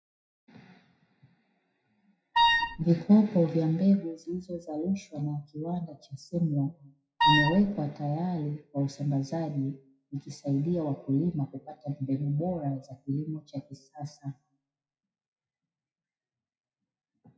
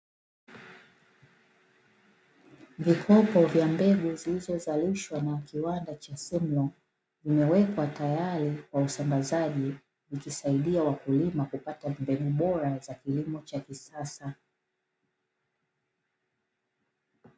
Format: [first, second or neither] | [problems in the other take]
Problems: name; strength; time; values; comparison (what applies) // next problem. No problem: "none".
second | noise reduction (classical method WPE with log-MMSE)